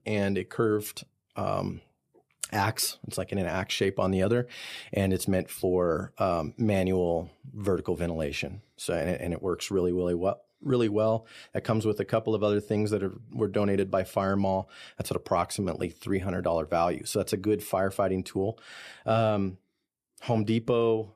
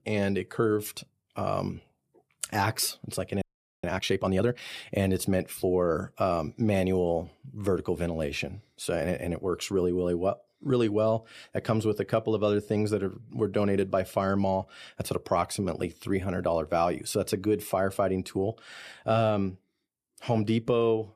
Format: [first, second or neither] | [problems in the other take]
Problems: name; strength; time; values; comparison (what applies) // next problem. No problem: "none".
first | audio freezing; at 3.5 s